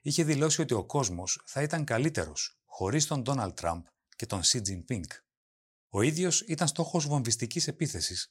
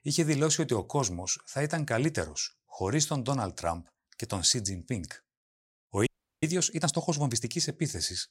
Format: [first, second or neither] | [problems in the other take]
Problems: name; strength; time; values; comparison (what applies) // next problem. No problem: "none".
first | audio freezing; at 6 s